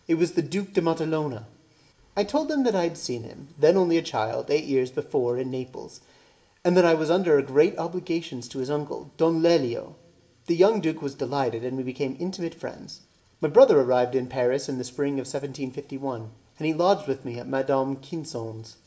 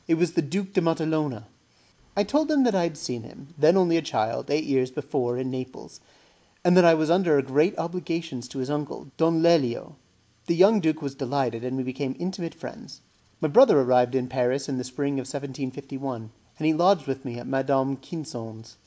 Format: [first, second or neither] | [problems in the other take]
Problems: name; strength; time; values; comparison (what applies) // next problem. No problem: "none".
second | room echo; dies away in 0.5 s